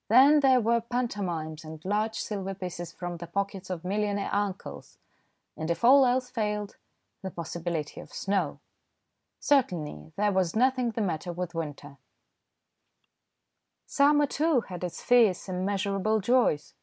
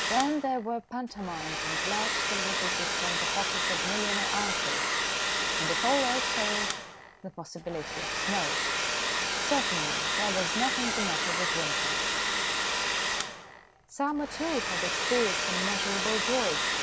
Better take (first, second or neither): first